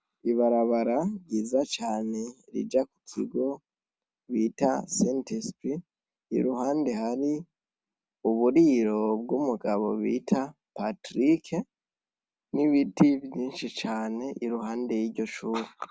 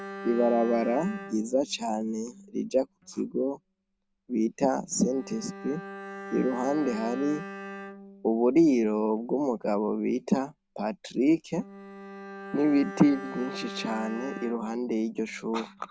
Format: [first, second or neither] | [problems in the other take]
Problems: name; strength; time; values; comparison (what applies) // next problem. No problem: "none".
first | background sound (Bowed string instrument); 14 dB below the speech